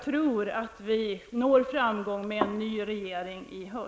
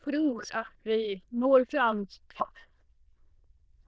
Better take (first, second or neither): first